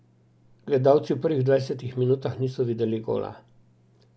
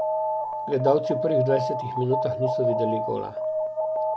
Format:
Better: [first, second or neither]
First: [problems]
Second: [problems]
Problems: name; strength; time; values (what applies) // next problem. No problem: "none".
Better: first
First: none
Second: background sound (Alarm); 1 dB above the speech